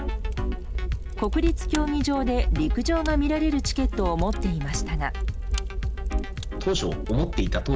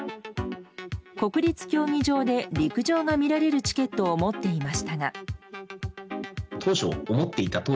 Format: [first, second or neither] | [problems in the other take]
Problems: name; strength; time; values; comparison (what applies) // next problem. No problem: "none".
second | background sound (Fire); as loud as the speech